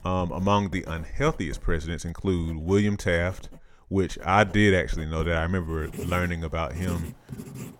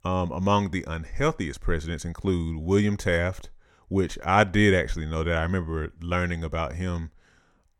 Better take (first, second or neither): second